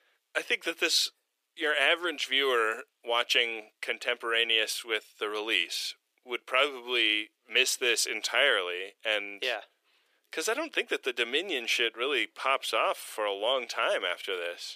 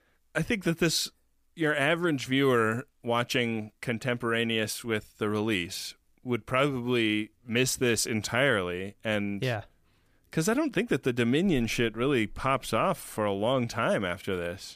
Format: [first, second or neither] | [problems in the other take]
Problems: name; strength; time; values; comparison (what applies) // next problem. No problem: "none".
second | thin; very; fading below 400 Hz